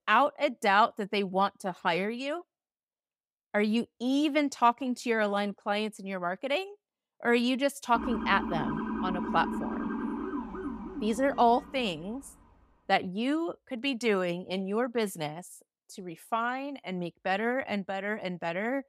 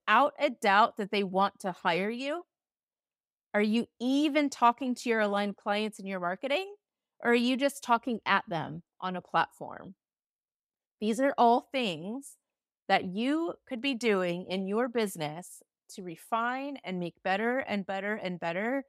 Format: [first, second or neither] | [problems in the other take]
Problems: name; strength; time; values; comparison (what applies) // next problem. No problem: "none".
second | siren; noticeable; from 8 to 12 s; peak 4 dB below the speech